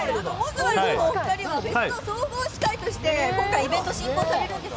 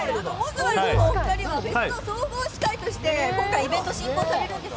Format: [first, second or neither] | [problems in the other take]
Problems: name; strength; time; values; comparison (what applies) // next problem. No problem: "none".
first | background sound (Bowed string instrument); 6 dB below the speech